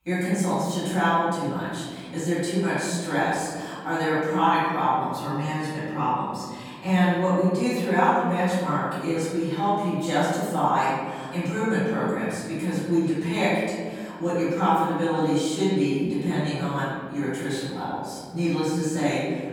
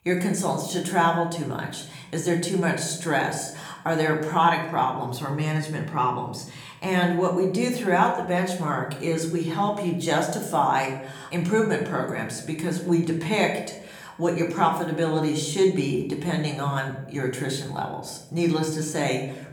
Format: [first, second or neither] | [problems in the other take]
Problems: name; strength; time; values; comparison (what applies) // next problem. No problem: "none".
second | room echo; strong; dies away in 2 s; slight in the second // off-mic speech; far; somewhat distant in the second